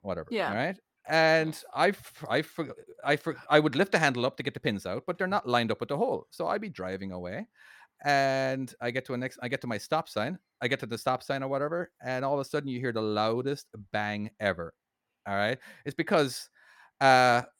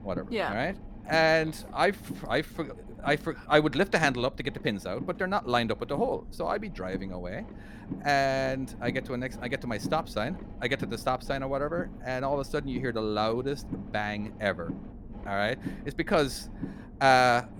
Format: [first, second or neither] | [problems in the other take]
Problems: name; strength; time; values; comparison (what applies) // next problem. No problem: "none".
first | low rumble; faint; throughout; 20 dB below the speech